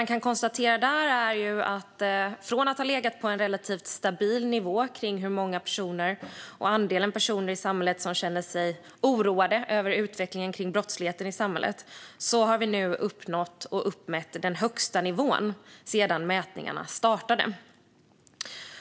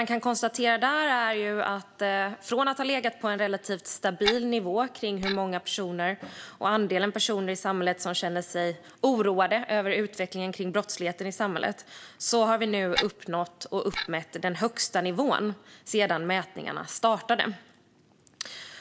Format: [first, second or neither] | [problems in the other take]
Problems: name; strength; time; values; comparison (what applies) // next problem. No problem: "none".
first | background sound (Clock); 7 dB below the speech